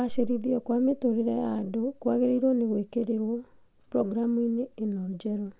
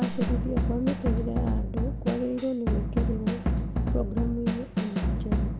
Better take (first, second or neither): first